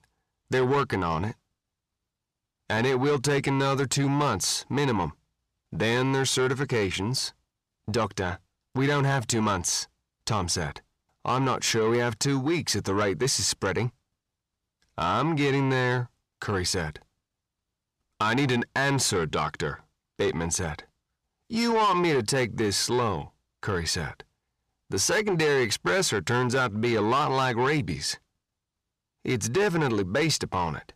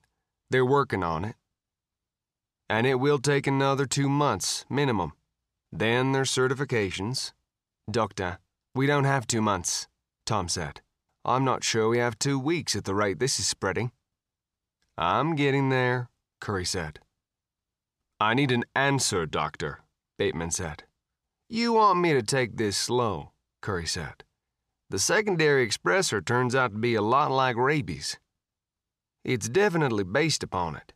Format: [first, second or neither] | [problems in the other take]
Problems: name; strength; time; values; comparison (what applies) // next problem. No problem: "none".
second | distortion; slight; 10 dB below the speech